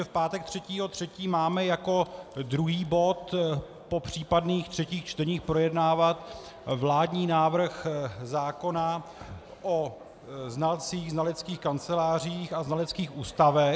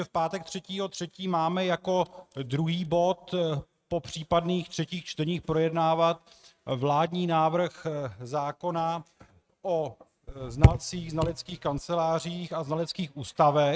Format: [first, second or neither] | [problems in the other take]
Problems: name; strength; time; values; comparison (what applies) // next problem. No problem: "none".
first | noise reduction (neural mask model RNNoise)